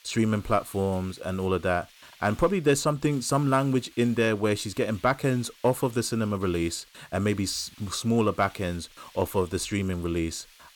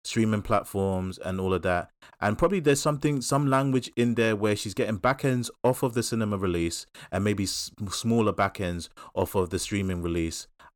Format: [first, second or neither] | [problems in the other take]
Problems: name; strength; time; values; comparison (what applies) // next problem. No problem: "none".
second | hiss; faint; throughout; 25 dB below the speech